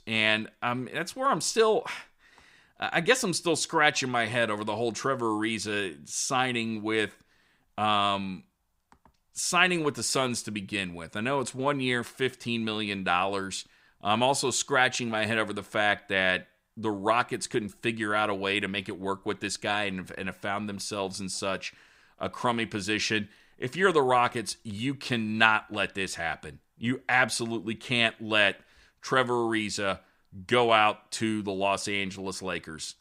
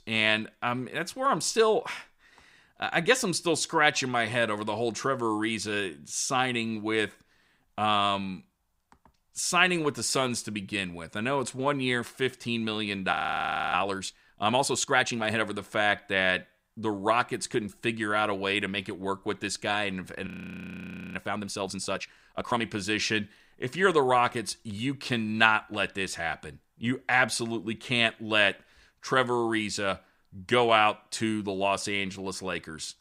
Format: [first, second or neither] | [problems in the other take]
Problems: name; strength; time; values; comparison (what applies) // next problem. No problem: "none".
first | audio freezing; at 13 s for 0.5 s and at 20 s for 1 s